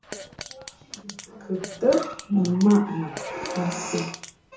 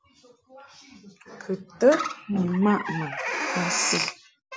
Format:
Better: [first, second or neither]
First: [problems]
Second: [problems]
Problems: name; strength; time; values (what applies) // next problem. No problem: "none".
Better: second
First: background sound (Fart); 16 dB below the speech // room echo; dies away in 0.6 s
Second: none